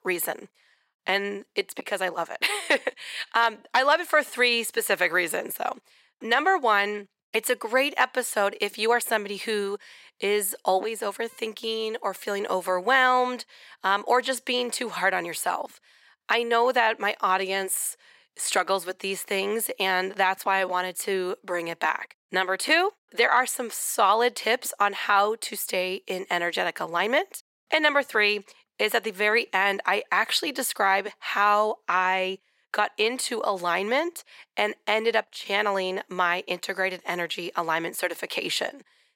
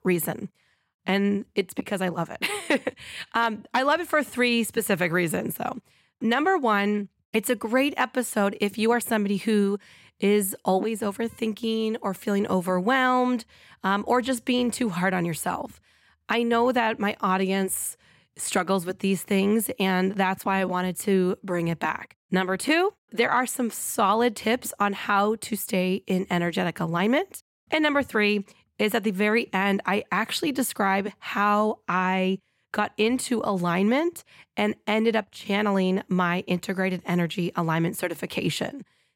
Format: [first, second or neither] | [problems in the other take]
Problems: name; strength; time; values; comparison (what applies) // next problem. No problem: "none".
second | thin; very; fading below 550 Hz